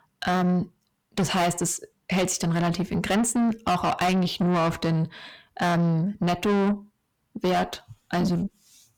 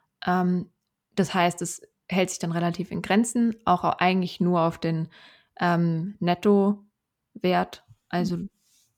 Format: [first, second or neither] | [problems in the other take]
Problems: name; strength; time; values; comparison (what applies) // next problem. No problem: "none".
second | distortion; heavy; 6 dB below the speech